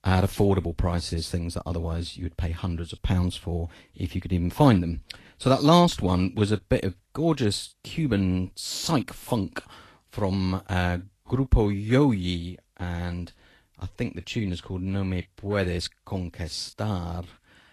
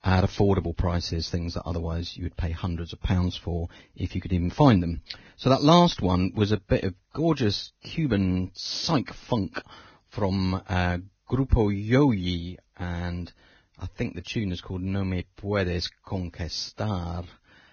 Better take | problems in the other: first | garbled, watery; badly; nothing above 6.5 kHz; slightly in the first

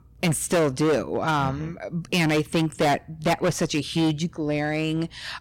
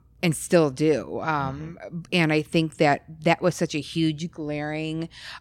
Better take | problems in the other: second | distortion; heavy; 13% of the sound clipped

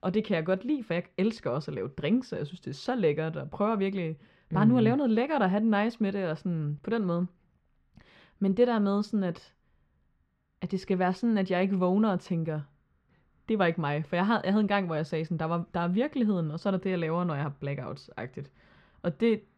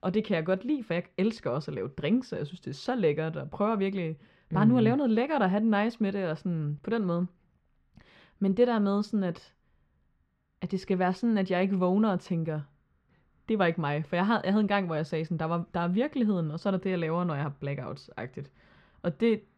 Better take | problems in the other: neither | muffled; slightly; fading above 2.5 kHz; the same in both

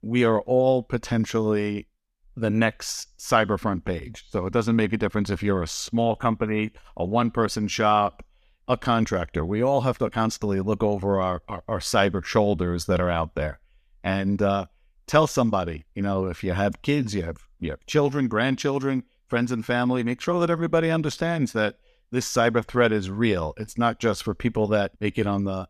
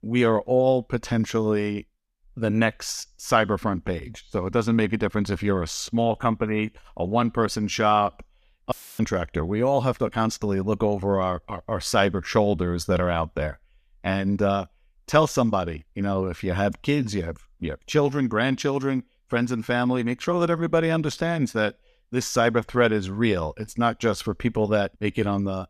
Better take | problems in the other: first | audio cutting out; filled with static; at 8.5 s

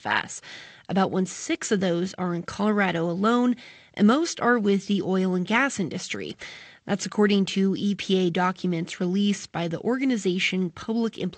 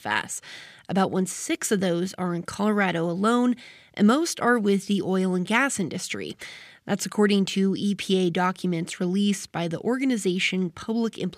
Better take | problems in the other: second | garbled, watery; slightly; nothing above 8 kHz

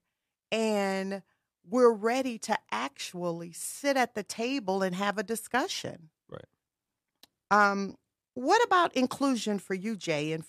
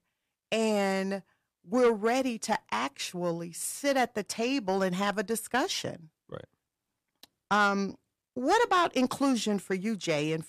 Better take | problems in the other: first | distortion; slight; 10 dB below the speech

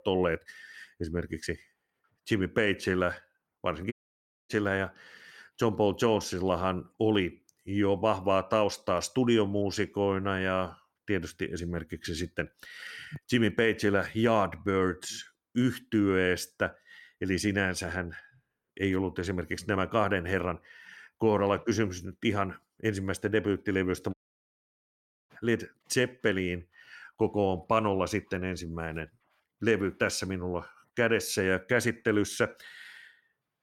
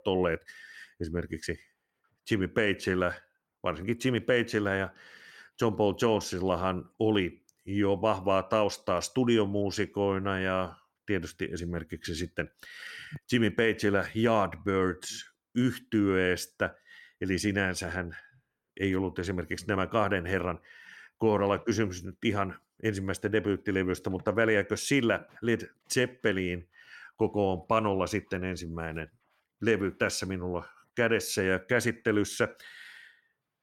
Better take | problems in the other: second | audio cutting out; at 4 s for 0.5 s and at 24 s for 1 s

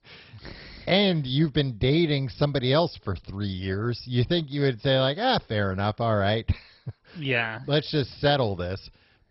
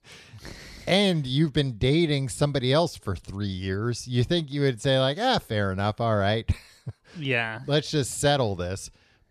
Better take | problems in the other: second | garbled, watery; badly; nothing above 5.5 kHz

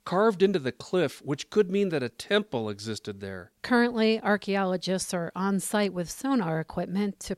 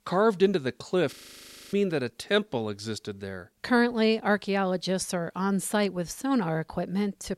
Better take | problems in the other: first | audio freezing; at 1 s for 0.5 s

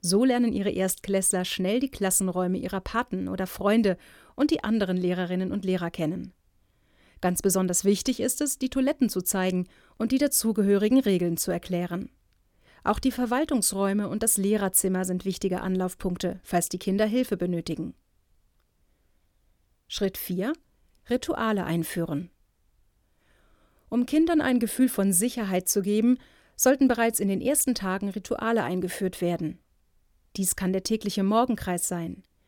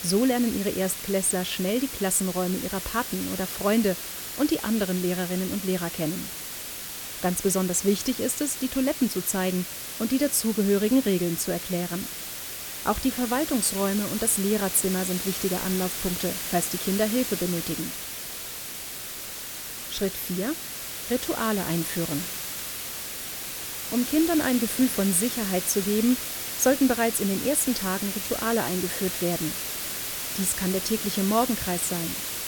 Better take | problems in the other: first | hiss; loud; throughout; 5 dB below the speech

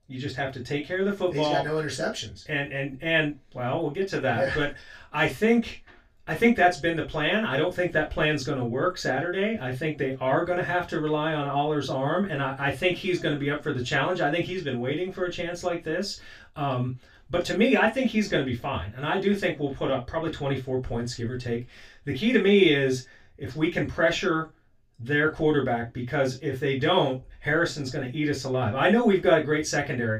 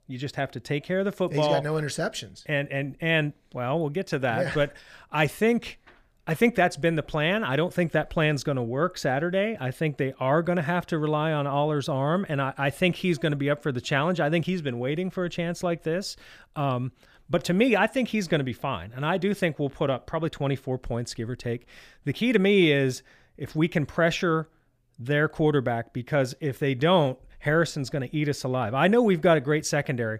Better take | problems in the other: second | room echo; very slight; dies away in 0.2 s // off-mic speech; far

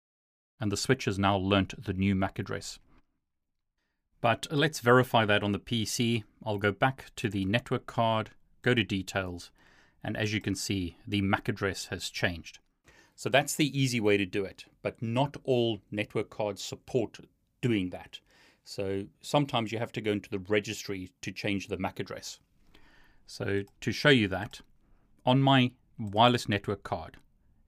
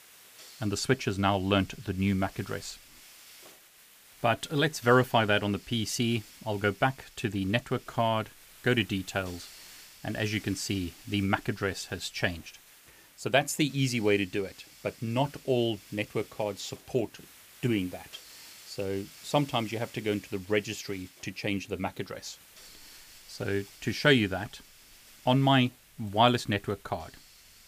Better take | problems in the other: first | hiss; faint; throughout; 20 dB below the speech

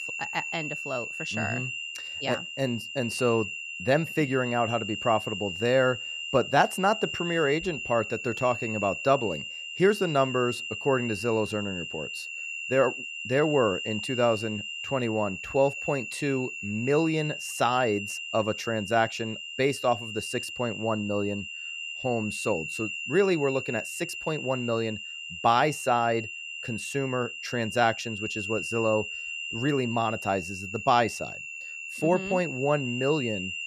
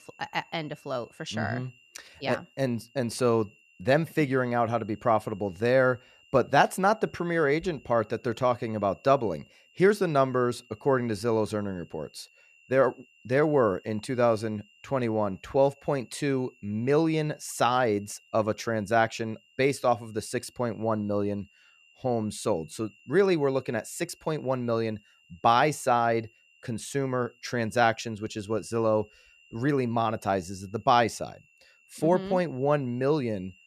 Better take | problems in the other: second | high-pitched whine; loud; throughout; 3 kHz, 6 dB below the speech; faint in the second

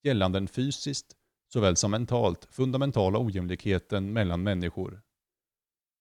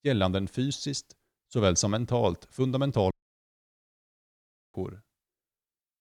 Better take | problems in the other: first | audio cutting out; at 3 s for 1.5 s

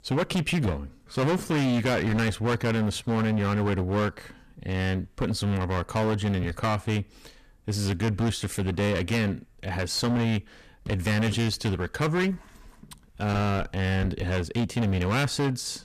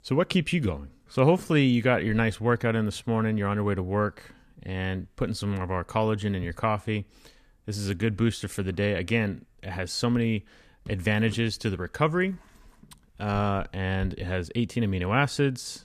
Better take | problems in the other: second | distortion; heavy; 20% of the sound clipped

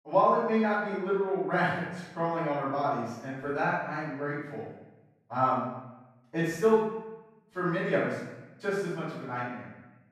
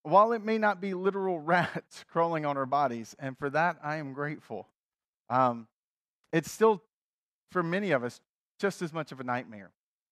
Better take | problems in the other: second | off-mic speech; far // room echo; strong; dies away in 0.9 s

